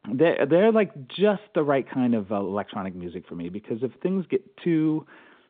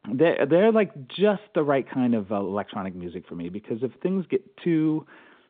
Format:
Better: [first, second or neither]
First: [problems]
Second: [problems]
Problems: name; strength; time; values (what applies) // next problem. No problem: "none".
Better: neither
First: phone-call audio; nothing above 3.5 kHz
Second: phone-call audio; nothing above 3.5 kHz